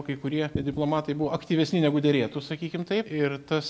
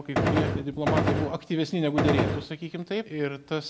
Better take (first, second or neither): first